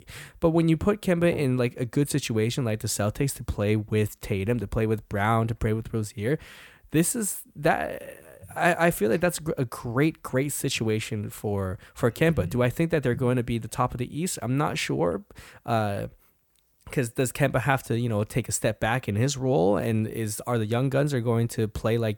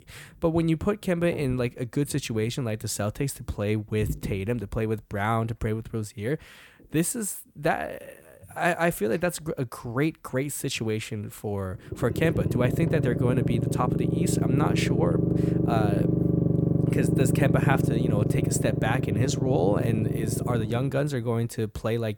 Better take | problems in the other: first | low rumble; loud; throughout; 2 dB below the speech

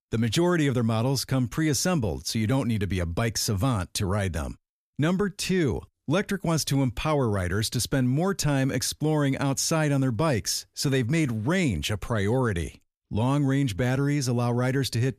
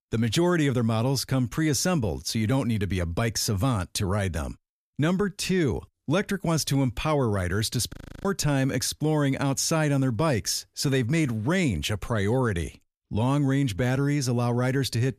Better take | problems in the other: first | audio freezing; at 8 s

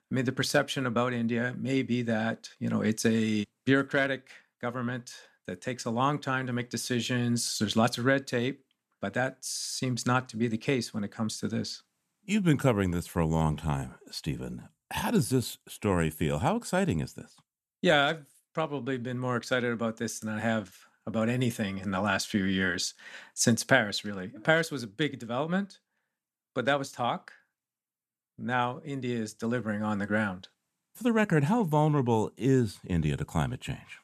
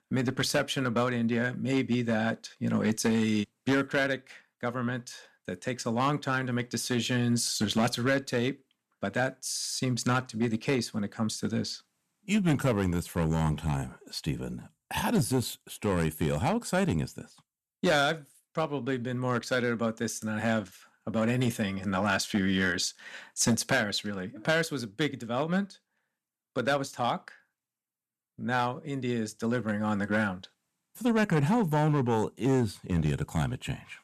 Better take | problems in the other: first | distortion; slight; 3% of the sound clipped

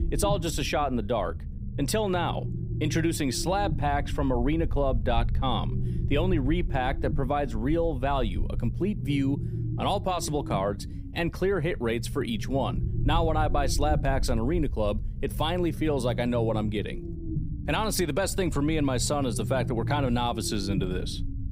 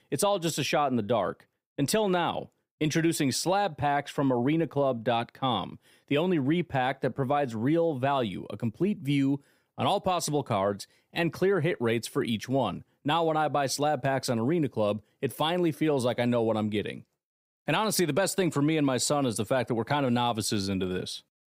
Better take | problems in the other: second | low rumble; noticeable; throughout; 15 dB below the speech

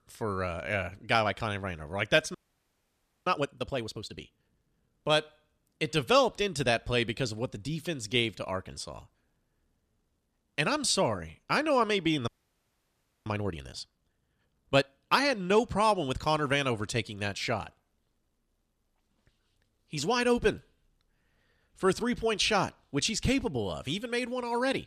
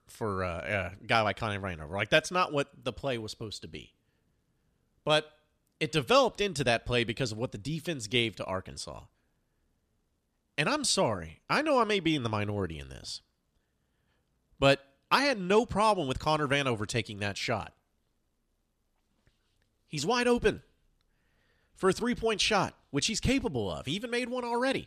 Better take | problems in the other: second | audio freezing; at 2.5 s for 1 s and at 12 s for 1 s

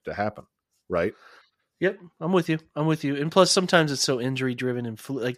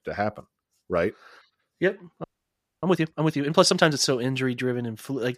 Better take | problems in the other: first | audio freezing; at 2 s for 0.5 s

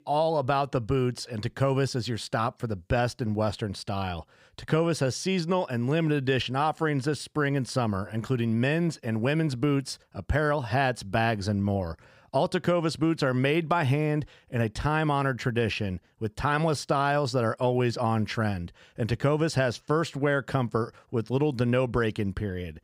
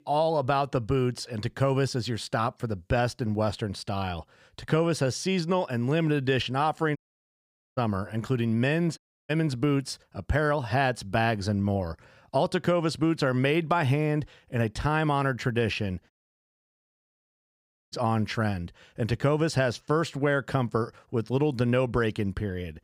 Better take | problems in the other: first | audio cutting out; at 7 s for 1 s, at 9 s and at 16 s for 2 s

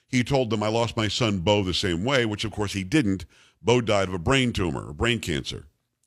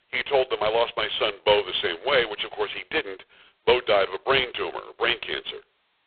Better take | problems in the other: first | phone-call audio; poor line

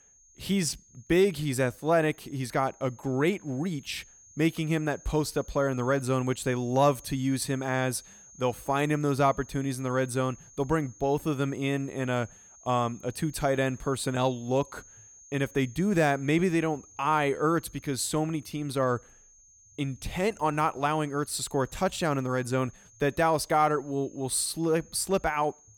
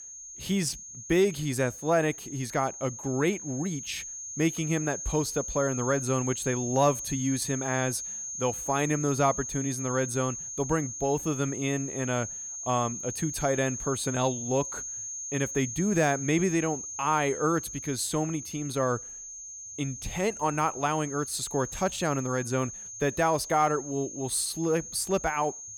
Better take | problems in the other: first | high-pitched whine; loud; throughout; 6.5 kHz, 7 dB below the speech; faint in the first

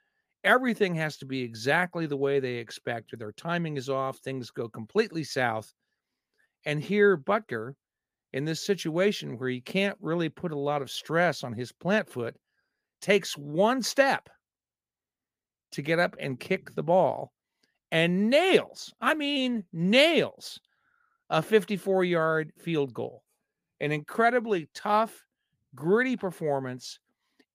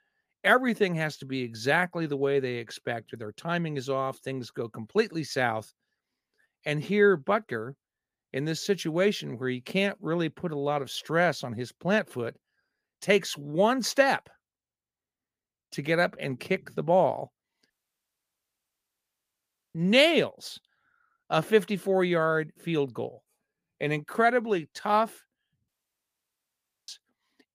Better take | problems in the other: first | audio cutting out; at 18 s for 2 s and at 26 s for 1 s

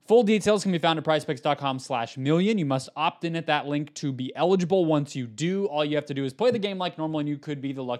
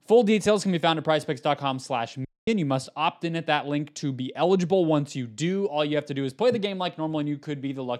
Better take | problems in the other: first | audio cutting out; at 2.5 s

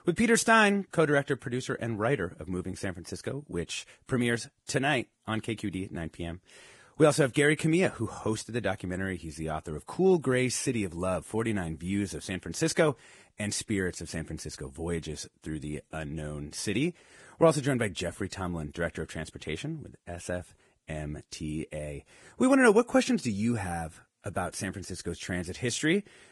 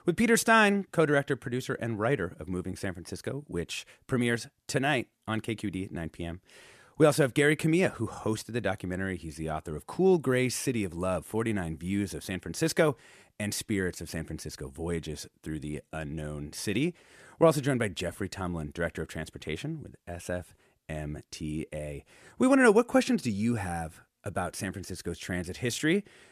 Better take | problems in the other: second | garbled, watery; badly; nothing above 10.5 kHz

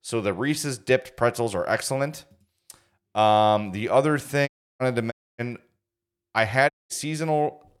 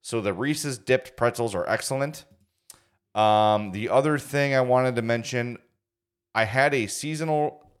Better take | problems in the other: second | audio cutting out; at 4.5 s, at 5 s and at 6.5 s

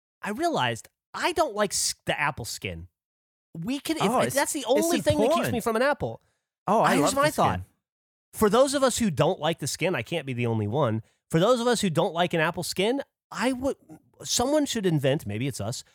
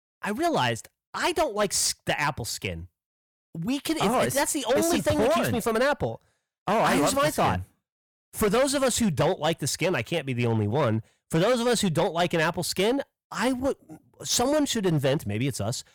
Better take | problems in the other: first | distortion; slight; 10% of the sound clipped

